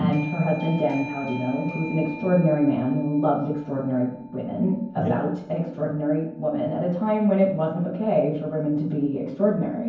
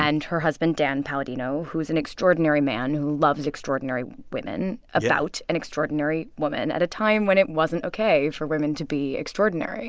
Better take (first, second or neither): second